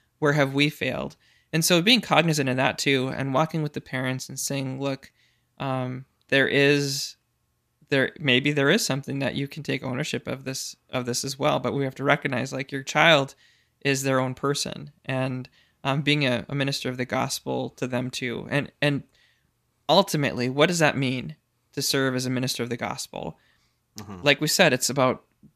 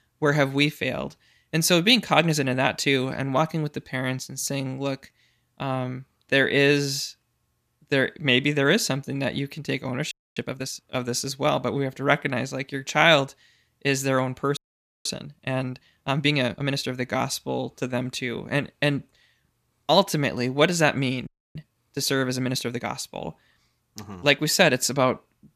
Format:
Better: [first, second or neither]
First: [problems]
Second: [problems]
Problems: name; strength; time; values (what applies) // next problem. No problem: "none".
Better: first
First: none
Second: audio freezing; at 10 s, at 15 s and at 21 s